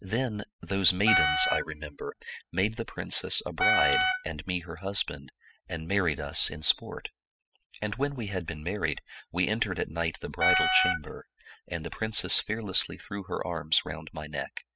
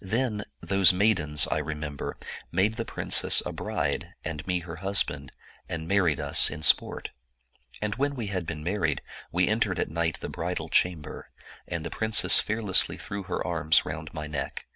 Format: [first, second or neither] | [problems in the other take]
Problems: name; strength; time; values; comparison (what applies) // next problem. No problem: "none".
second | noise reduction (classical method spectral subtraction)